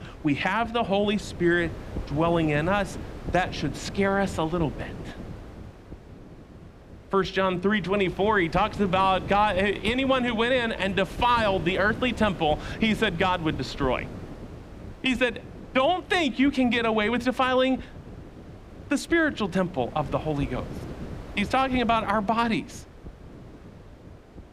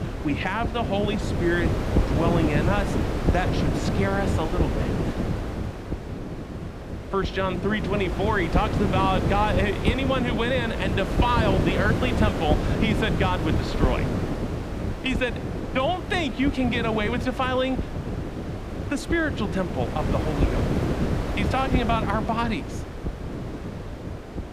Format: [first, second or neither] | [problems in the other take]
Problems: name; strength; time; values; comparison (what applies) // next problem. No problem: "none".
first | wind noise on the microphone; heavy; 5 dB below the speech; occasional gusts in the first